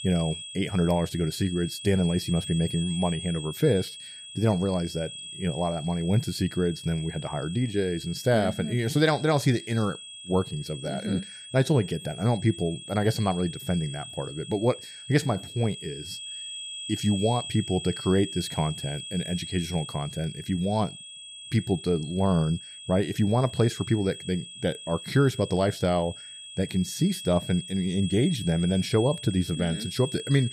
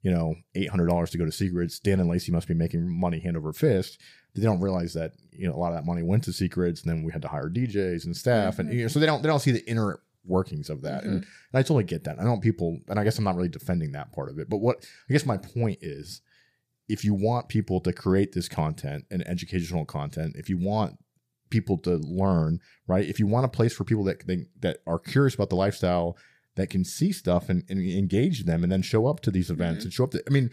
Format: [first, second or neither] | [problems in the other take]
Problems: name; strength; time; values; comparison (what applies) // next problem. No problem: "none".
second | high-pitched whine; noticeable; throughout; 3.5 kHz, 10 dB below the speech